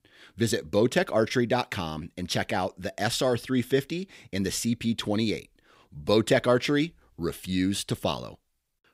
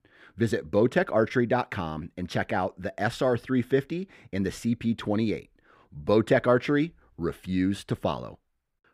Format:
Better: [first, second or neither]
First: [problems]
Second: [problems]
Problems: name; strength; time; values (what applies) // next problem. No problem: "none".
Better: first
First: none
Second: muffled; slightly; fading above 2.5 kHz